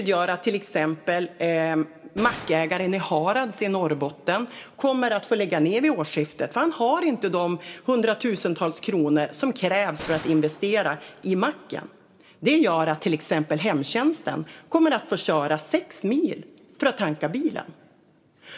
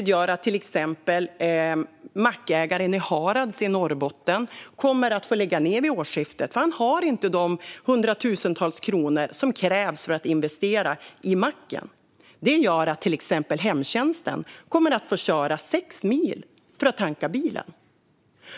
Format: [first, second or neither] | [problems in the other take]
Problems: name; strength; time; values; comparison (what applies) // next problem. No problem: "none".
second | background sound (Gunshot, gunfire); 17 dB below the speech // room echo; dies away in 1.2 s